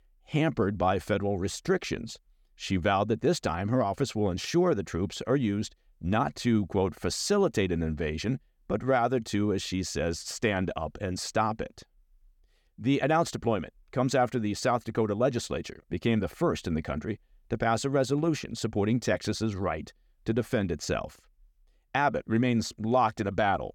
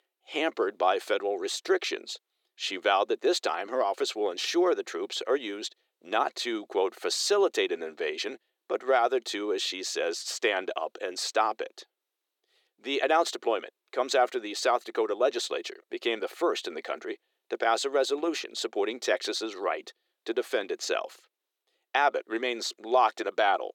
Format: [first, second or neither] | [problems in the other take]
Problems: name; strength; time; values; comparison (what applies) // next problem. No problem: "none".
first | thin; very; fading below 350 Hz